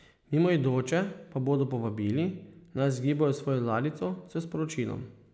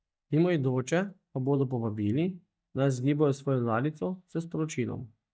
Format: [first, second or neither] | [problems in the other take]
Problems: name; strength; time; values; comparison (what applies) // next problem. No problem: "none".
first | noise reduction (neural mask model DeepFilterNet 3)